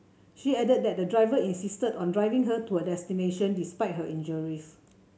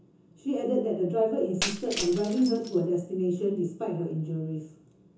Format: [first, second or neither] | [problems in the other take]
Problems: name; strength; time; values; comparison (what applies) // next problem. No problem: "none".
first | background sound (Shatter); 10 dB below the speech // room echo; dies away in 0.6 s